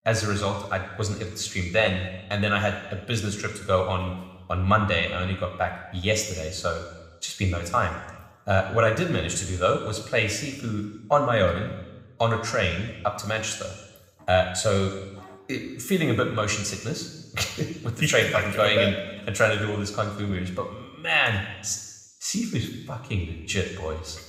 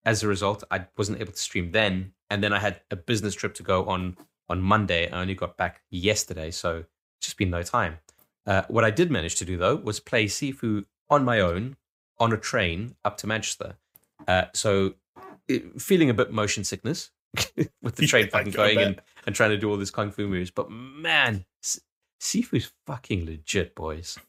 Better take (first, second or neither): second